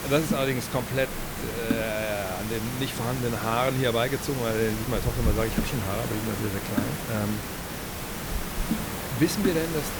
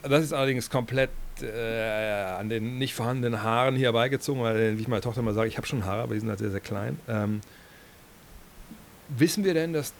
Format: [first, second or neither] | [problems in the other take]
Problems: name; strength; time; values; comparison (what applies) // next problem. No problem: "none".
second | hiss; loud; throughout; 3 dB below the speech; faint in the second